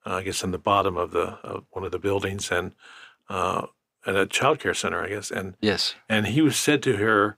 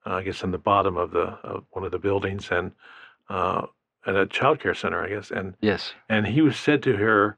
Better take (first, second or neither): first